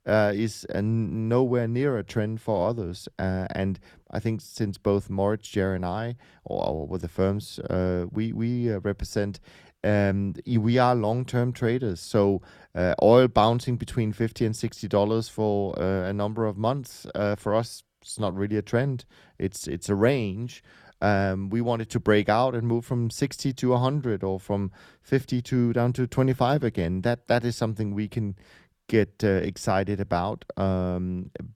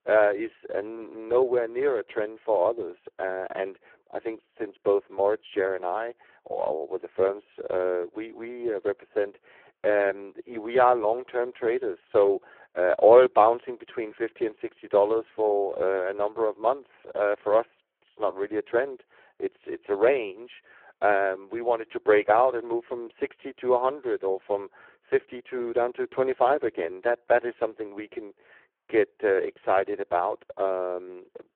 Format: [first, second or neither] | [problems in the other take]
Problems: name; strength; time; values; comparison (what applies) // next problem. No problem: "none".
first | phone-call audio; poor line